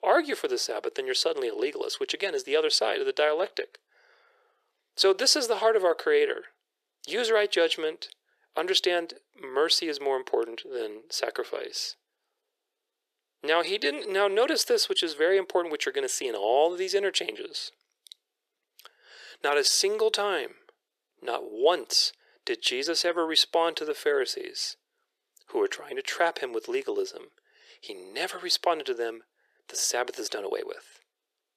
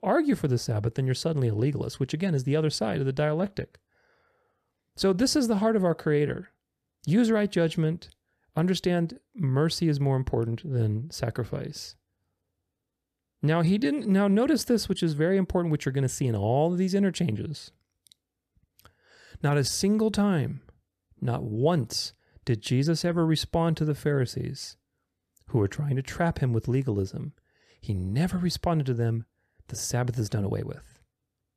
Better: second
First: thin; very; fading below 400 Hz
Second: none

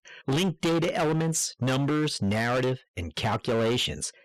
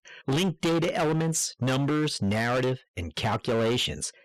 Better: neither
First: distortion; heavy; 22% of the sound clipped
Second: distortion; heavy; 22% of the sound clipped

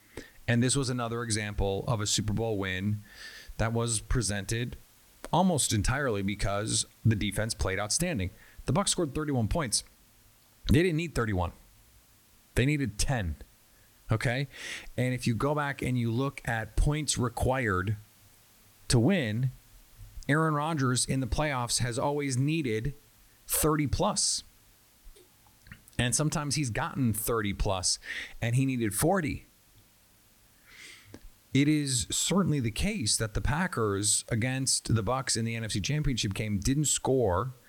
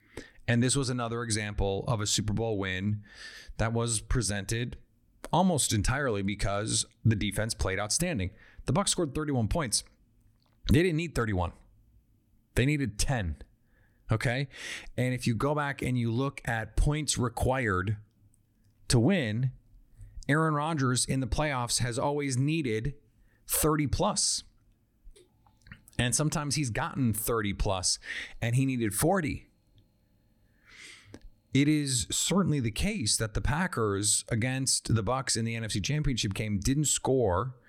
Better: second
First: hiss; faint; throughout; 30 dB below the speech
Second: none

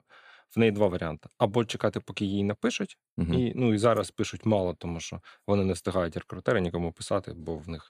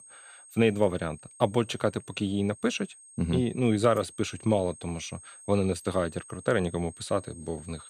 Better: first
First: none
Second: high-pitched whine; noticeable; throughout; 8.5 kHz, 20 dB below the speech

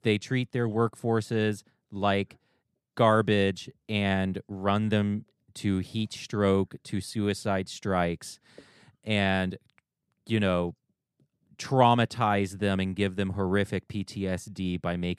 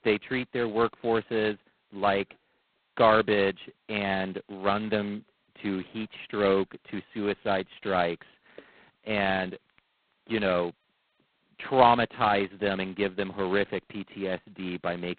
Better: first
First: none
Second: phone-call audio; poor line; nothing above 4 kHz

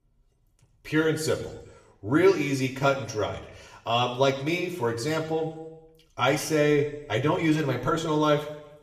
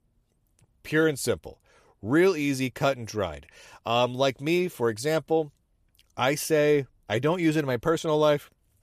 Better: second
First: room echo; slight; dies away in 0.8 s // off-mic speech; somewhat distant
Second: none

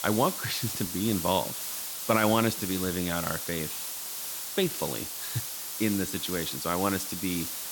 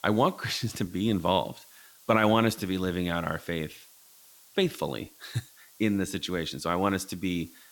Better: second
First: hiss; loud; throughout; 3 dB below the speech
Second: hiss; faint; throughout; 25 dB below the speech

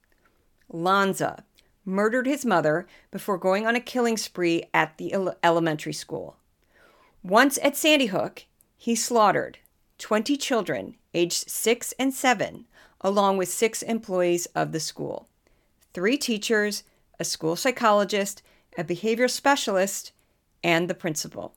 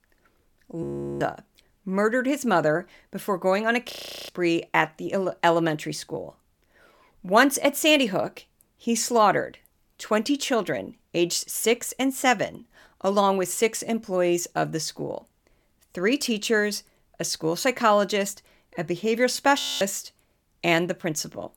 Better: first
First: none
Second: audio freezing; at 1 s, at 4 s and at 20 s

